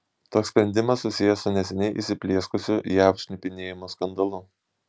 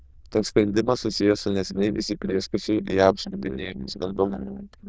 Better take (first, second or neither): first